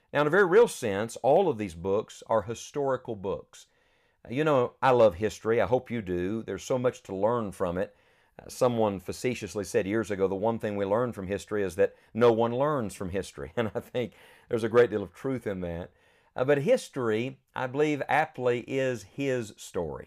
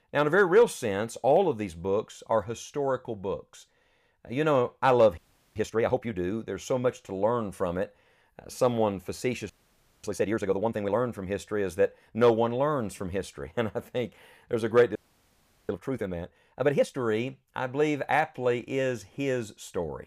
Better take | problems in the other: first | audio freezing; at 5 s, at 9.5 s for 0.5 s and at 15 s for 0.5 s

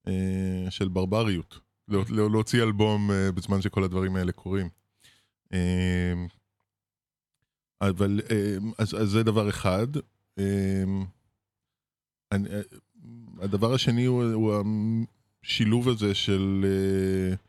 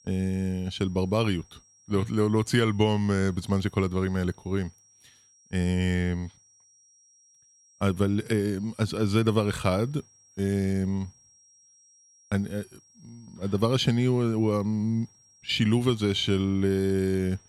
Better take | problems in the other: first | high-pitched whine; faint; throughout; 5.5 kHz, 30 dB below the speech

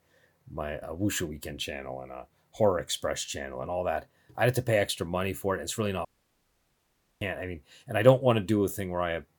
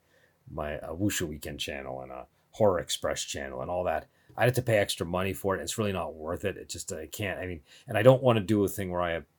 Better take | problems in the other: second | audio cutting out; at 6 s for 1 s

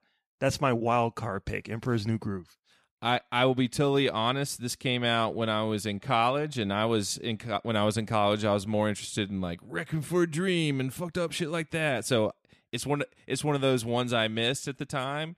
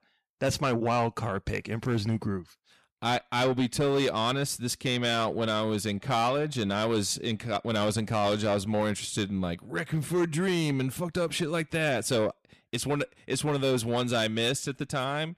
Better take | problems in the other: first | distortion; slight; 10 dB below the speech

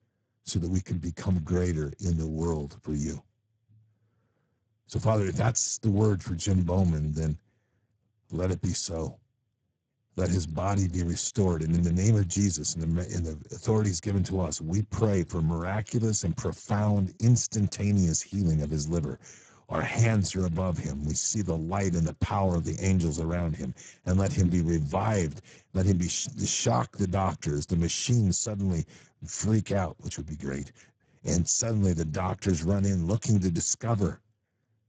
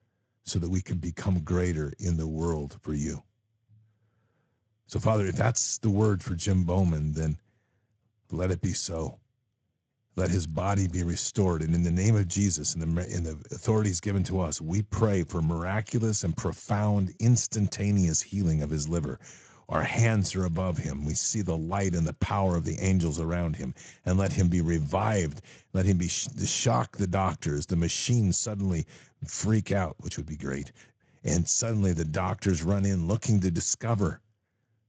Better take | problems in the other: second | garbled, watery; badly; nothing above 7.5 kHz; slightly in the second

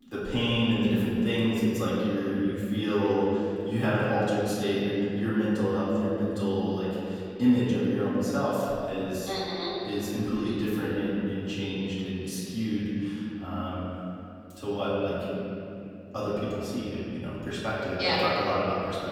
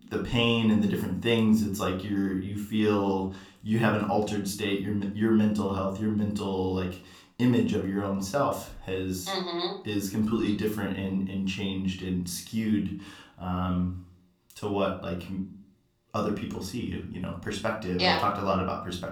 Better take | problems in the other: second | room echo; strong; dies away in 2.9 s; slight in the second // off-mic speech; far; somewhat distant in the second

